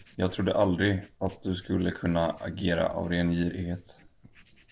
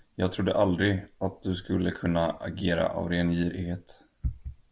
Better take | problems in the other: second | noise reduction (neural separator model SepFormer DNS4)

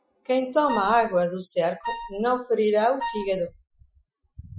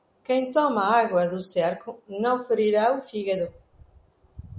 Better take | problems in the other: second | noise reduction (classical method Wiener filter)

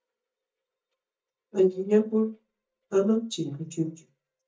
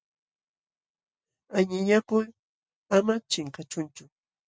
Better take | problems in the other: second | noise reduction (neural mask model DeepFilterNet 3)

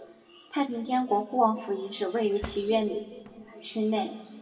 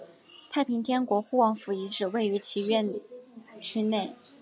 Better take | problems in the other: second | background sound (Cutlery, silverware / Drawer open or close); 15 dB below the speech // room echo; dies away in 1.4 s

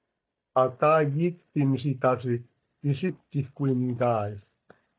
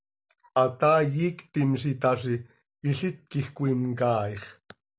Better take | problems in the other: second | noise reduction (neural mask model DeepFilterNet 3)

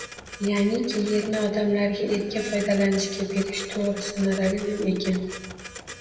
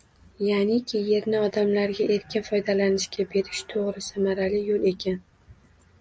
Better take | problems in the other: second | background sound (Printer); 14 dB below the speech // room echo; dies away in 1.2 s

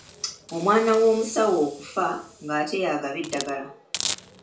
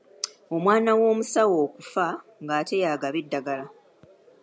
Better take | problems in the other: second | background sound (Hiss); 13 dB below the speech // room echo; dies away in 0.3 s

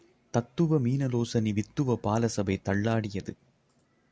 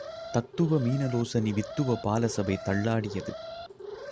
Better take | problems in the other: first | background sound (Alarm); 12 dB below the speech

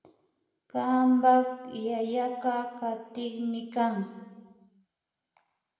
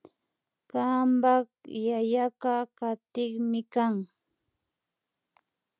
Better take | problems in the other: second | room echo; dies away in 1.2 s

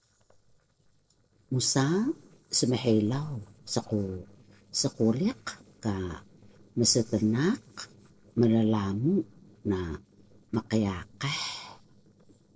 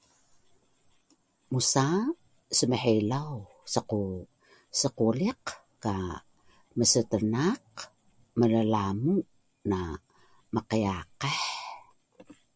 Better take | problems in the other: second | noise reduction (neural separator model SepFormer DNS4)

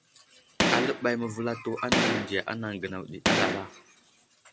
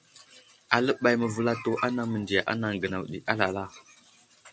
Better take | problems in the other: second | background sound (Gunshot, gunfire); 2 dB above the speech

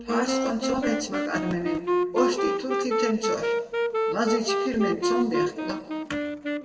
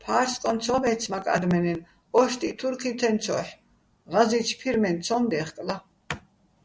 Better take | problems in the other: second | background sound (Wind instrument, woodwind instrument); 2 dB above the speech // room echo; dies away in 1.4 s

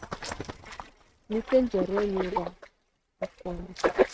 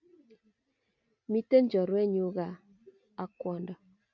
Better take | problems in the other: second | noise reduction (neural mask model RNNoise)

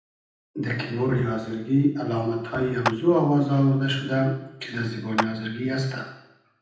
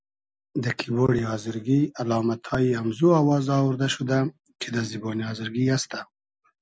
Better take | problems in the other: second | background sound (Clapping); 9 dB below the speech // room echo; dies away in 0.8 s

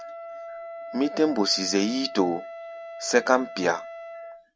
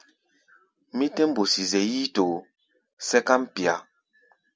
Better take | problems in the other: second | background sound (Wind instrument, woodwind instrument); 12 dB below the speech

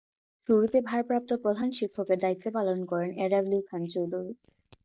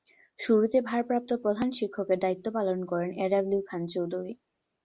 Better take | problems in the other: second | noise reduction (neural mask model DeepFilterNet 3)

